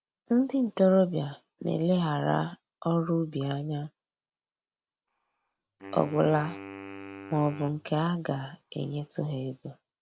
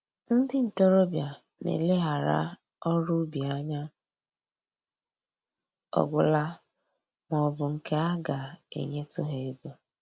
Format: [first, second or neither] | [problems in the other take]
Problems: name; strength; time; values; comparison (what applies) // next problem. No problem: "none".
second | background sound (Wind instrument, woodwind instrument); 15 dB below the speech